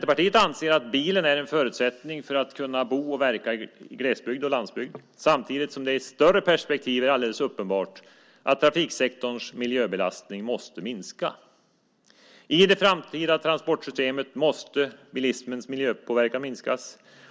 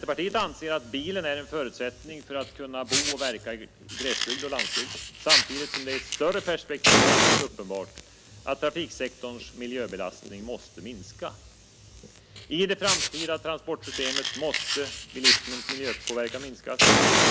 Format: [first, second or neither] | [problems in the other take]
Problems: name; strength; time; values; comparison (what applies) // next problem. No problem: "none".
first | background sound (Fire); 4 dB above the speech